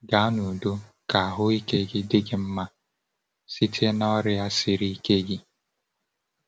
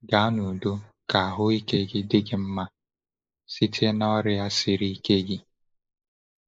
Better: first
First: none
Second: noise reduction (neural mask model Resemble Enhance denoiser)

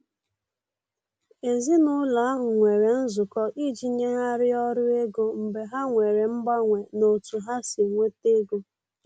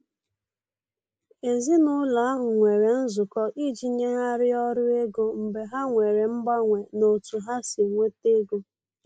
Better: first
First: none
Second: noise reduction (neural mask model Resemble Enhance denoiser)

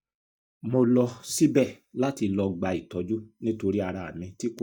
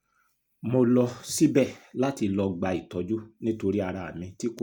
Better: second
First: noise reduction (neural mask model DeepFilterNet 3)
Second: none

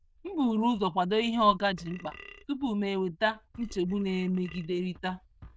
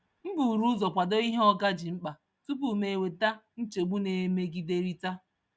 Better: second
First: noise reduction (neural diffusion model UNIVERSE++)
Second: none

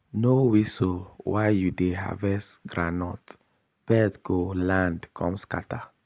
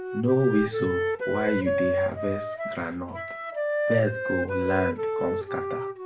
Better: first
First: none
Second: background sound (Wind instrument, woodwind instrument); as loud as the speech // room echo; dies away in 0.3 s

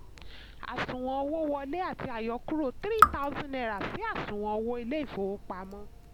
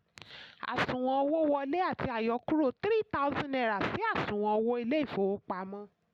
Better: second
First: background sound (Raindrop / Drip); 1 dB below the speech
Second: none

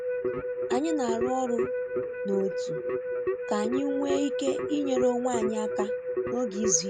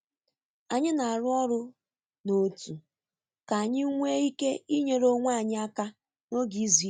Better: second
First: background sound (Keyboard (musical)); 1 dB above the speech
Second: none

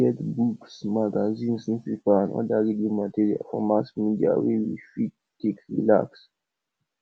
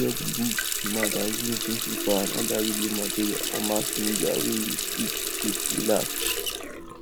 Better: first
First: none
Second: background sound (Water tap, faucet); 1 dB above the speech

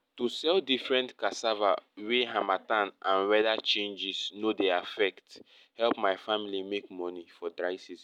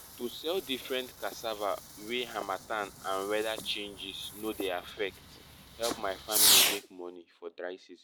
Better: first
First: none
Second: background sound (Fireworks); 2 dB above the speech

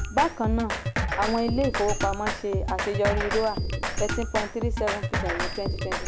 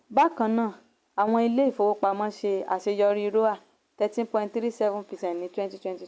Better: second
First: background sound (Drum kit); as loud as the speech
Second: none

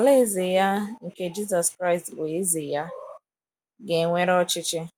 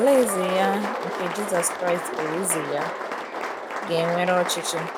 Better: first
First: none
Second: background sound (Applause); 4 dB below the speech

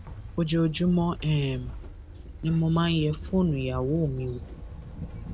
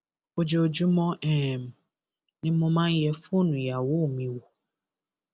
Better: second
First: background sound (Train); 11 dB below the speech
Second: none

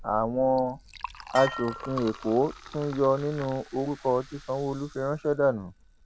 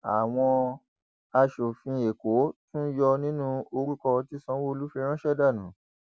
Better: second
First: background sound (Liquid + Dishes, pots, and pans); 14 dB below the speech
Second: none

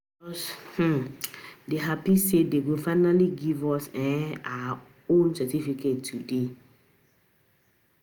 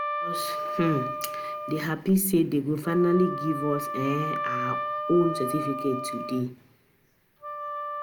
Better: first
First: none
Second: background sound (Wind instrument, woodwind instrument); 5 dB below the speech

